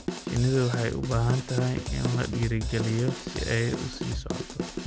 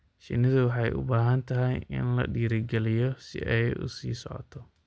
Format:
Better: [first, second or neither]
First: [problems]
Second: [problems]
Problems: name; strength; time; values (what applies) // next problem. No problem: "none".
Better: second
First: background sound (Drum / Drum kit); 5 dB below the speech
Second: none